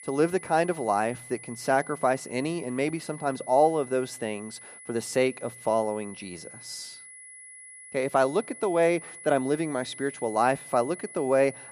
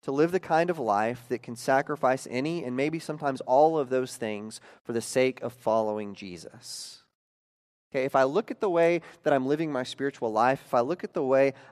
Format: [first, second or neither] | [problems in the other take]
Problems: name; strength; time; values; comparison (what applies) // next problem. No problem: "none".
second | high-pitched whine; noticeable; throughout; 10 kHz, 15 dB below the speech